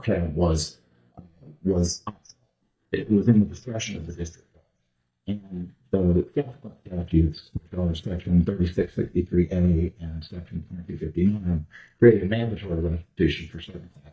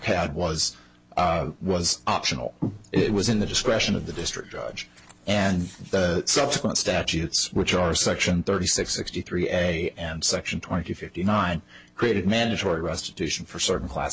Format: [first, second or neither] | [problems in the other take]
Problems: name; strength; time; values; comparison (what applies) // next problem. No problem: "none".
second | noise reduction (neural mask model DeepFilterNet 3)